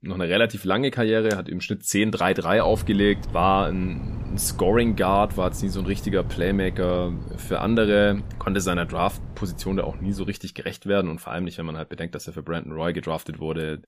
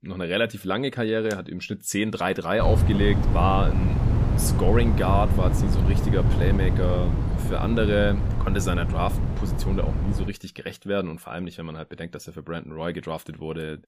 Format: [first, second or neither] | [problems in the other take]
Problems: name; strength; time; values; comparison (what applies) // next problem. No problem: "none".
first | wind noise on the microphone; heavy; from 2.5 to 10 s; 7 dB below the speech; occasional gusts in the first